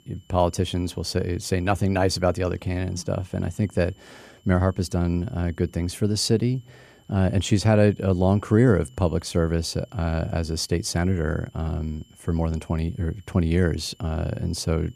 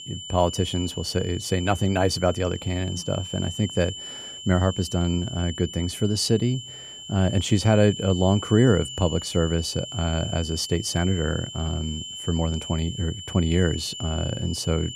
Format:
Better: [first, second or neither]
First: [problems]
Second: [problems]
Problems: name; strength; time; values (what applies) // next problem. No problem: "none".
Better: first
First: high-pitched whine; faint; throughout; 3 kHz, 35 dB below the speech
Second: high-pitched whine; loud; throughout; 3 kHz, 10 dB below the speech